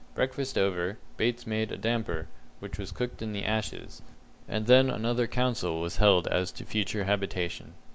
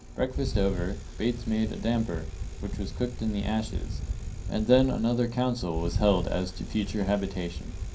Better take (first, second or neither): first